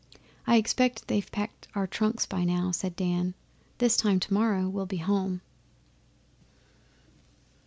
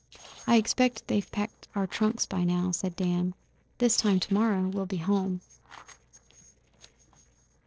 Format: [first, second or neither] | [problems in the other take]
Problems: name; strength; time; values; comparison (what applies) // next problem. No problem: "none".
first | noise reduction (neural separator model SepFormer DNS4)